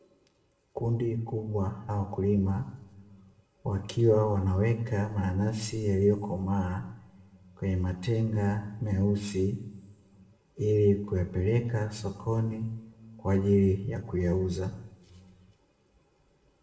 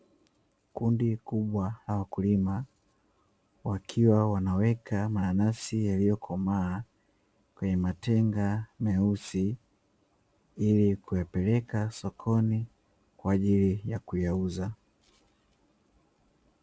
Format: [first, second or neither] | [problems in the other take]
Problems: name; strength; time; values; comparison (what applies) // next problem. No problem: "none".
second | room echo; dies away in 0.9 s